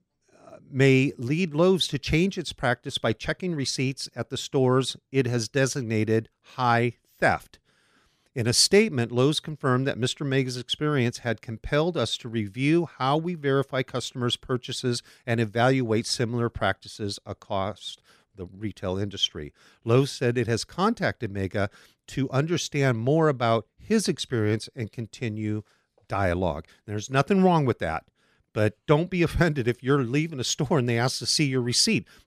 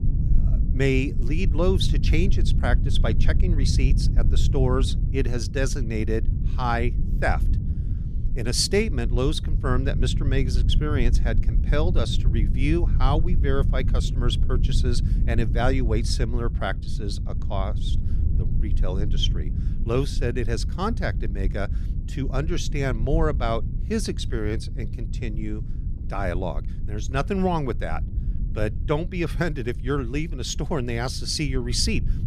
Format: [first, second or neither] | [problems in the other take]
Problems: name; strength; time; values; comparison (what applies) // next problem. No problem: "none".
first | low rumble; noticeable; throughout; 15 dB below the speech